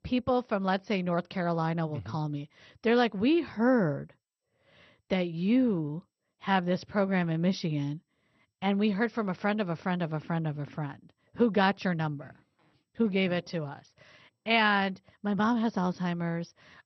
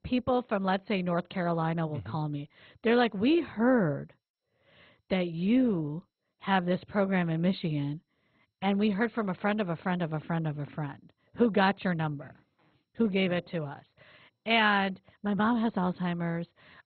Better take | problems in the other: first | garbled, watery; badly; nothing above 4 kHz; slightly in the first

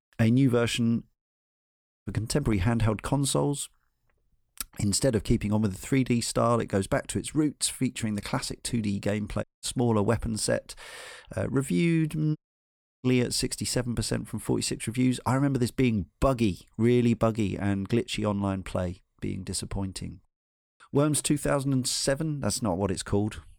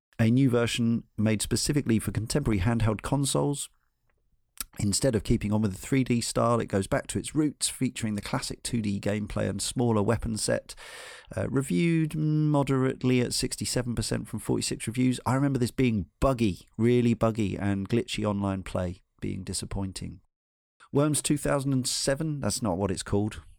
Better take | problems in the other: second | audio cutting out; at 1 s for 1 s, at 9.5 s and at 12 s for 0.5 s

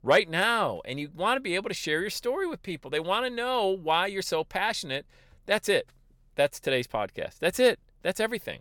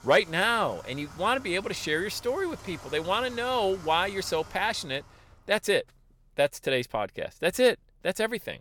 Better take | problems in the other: first | household noises; noticeable; until 4.5 s; 20 dB below the speech

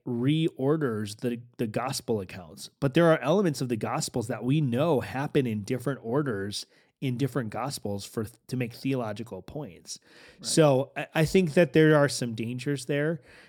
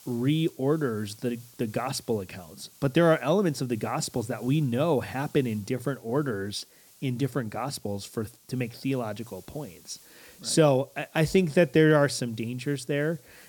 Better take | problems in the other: first | hiss; faint; throughout; 25 dB below the speech

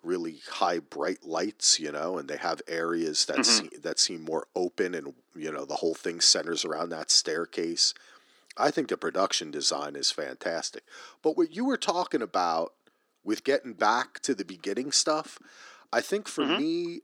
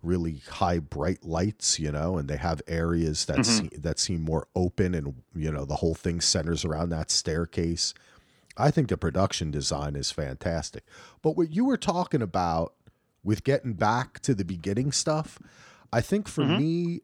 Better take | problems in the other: second | thin; somewhat; fading below 300 Hz

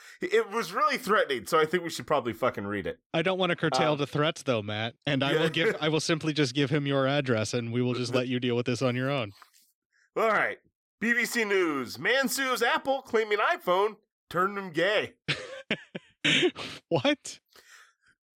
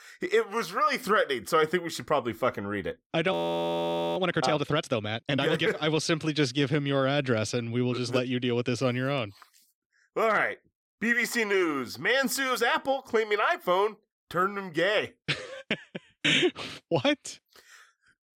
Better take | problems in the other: first | audio freezing; at 3.5 s for 1 s

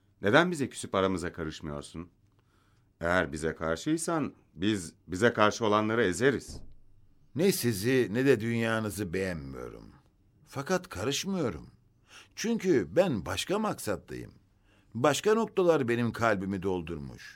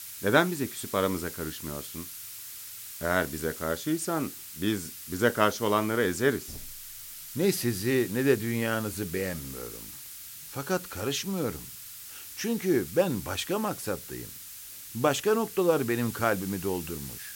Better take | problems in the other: first | hiss; noticeable; throughout; 10 dB below the speech

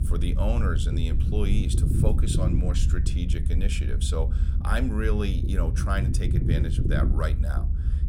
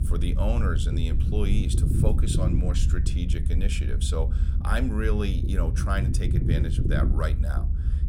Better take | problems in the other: neither | low rumble; loud; throughout; 6 dB below the speech; the same in both

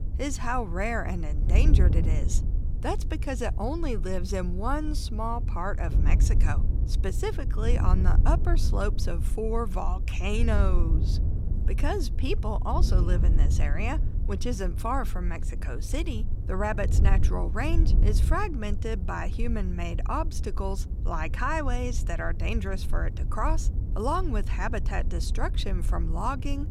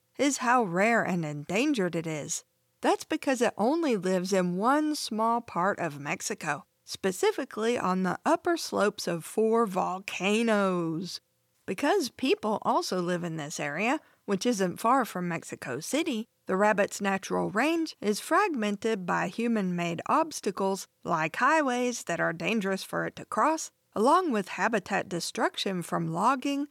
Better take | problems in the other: second | wind noise on the microphone; occasional gusts; 10 dB below the speech

